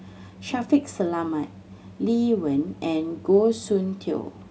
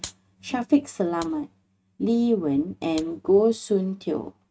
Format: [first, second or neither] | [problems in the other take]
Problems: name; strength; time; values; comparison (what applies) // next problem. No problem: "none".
first | noise reduction (neural mask model RNNoise)